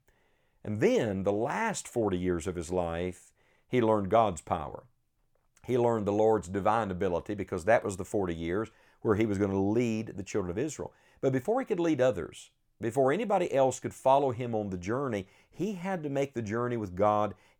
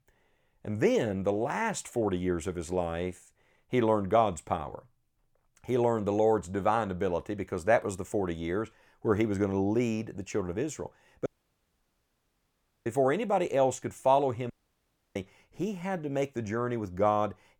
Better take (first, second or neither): first